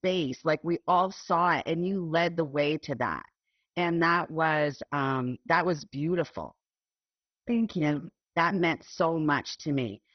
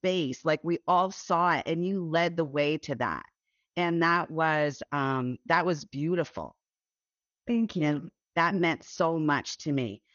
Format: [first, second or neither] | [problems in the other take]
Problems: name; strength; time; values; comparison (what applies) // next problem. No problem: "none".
second | garbled, watery; badly; nothing above 6 kHz; slightly in the second